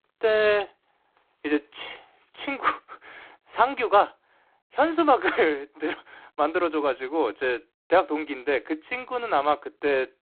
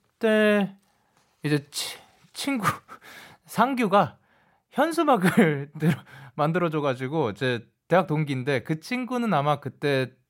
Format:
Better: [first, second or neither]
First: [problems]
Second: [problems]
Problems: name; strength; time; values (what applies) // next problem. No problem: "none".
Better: second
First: phone-call audio; poor line; nothing above 4 kHz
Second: none